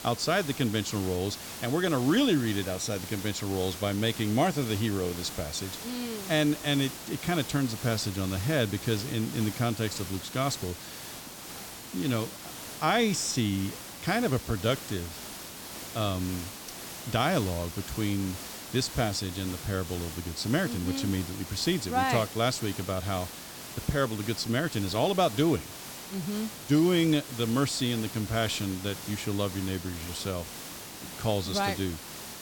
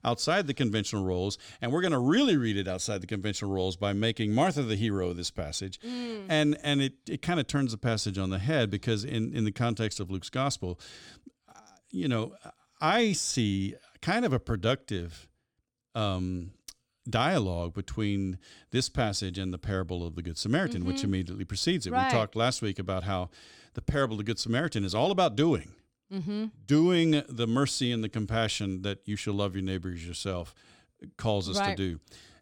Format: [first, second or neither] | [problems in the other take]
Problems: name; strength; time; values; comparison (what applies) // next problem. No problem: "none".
second | hiss; loud; throughout; 10 dB below the speech